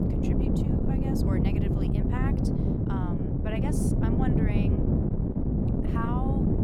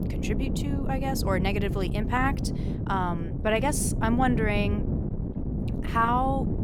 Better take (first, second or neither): second